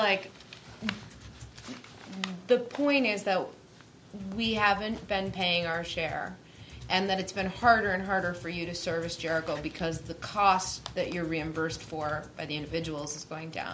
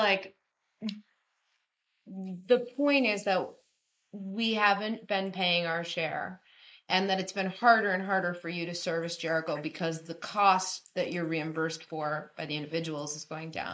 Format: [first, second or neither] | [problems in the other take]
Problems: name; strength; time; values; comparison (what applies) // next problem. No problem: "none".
first | noise reduction (neural mask model Resemble Enhance denoiser)